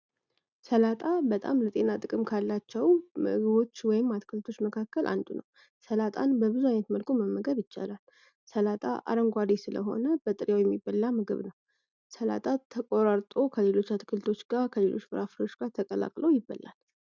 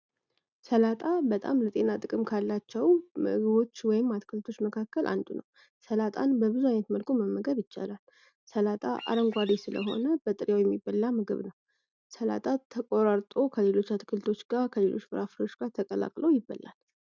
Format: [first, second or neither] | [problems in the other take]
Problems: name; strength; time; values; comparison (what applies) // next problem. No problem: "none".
first | background sound (Bird vocalization, bird call, bird song); 15 dB below the speech